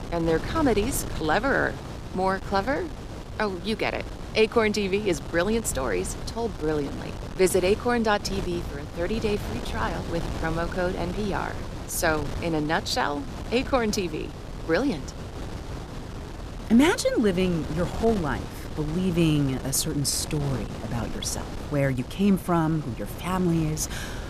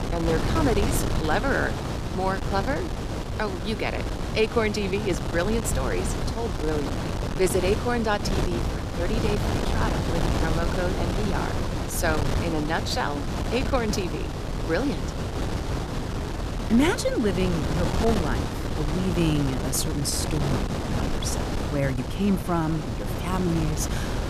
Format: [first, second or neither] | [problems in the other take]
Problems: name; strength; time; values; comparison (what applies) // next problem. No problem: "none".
first | wind noise on the microphone; heavy; 3 dB below the speech; occasional gusts in the first